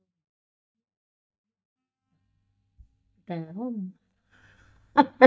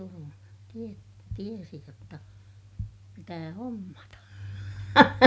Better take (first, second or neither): second